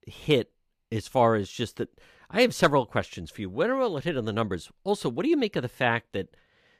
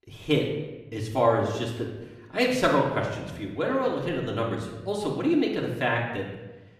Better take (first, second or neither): first